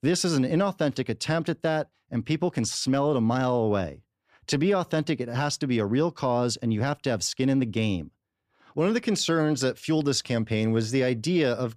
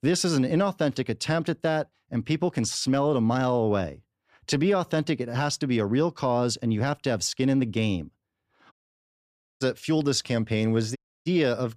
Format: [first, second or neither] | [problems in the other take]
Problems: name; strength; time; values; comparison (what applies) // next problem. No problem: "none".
first | audio cutting out; at 8.5 s for 1 s and at 11 s